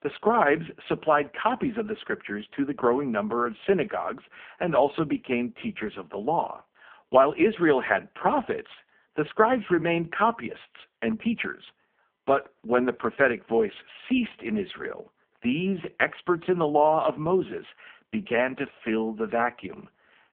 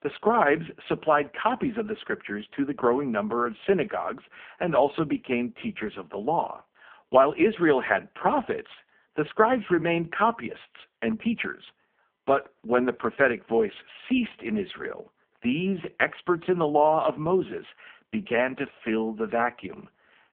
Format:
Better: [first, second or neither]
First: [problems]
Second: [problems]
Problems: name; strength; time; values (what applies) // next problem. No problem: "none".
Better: neither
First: phone-call audio; poor line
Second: phone-call audio; poor line